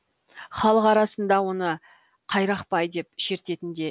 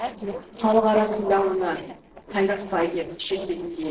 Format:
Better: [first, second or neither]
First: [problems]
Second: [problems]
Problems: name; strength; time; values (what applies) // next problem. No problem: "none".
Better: first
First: none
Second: noise reduction (neural separator model SepFormer DNS4)